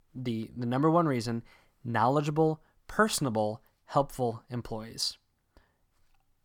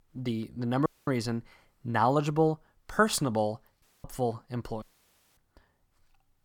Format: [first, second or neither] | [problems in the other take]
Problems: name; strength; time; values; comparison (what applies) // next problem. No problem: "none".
first | audio cutting out; at 1 s, at 4 s and at 5 s for 0.5 s